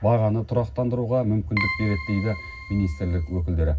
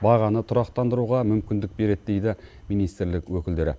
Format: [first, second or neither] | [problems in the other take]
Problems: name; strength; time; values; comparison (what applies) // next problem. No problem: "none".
second | background sound (Keyboard (musical)); 10 dB below the speech // room echo; dies away in 0.4 s